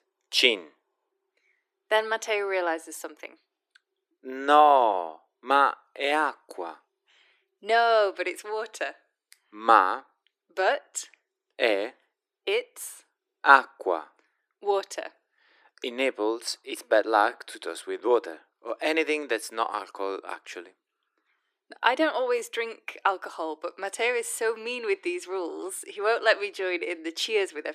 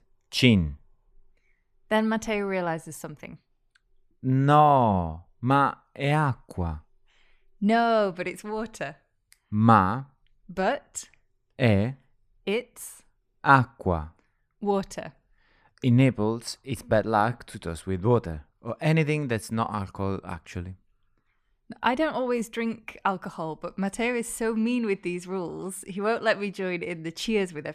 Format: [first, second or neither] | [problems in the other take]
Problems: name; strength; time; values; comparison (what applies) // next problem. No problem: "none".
second | thin; very; fading below 300 Hz